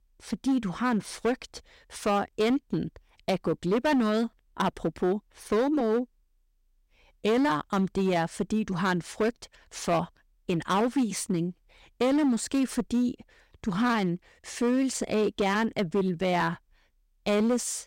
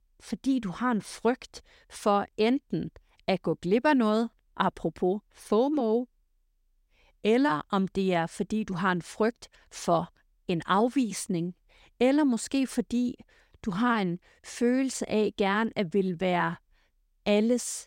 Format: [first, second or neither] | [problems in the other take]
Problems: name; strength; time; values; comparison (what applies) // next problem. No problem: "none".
second | distortion; slight; 8% of the sound clipped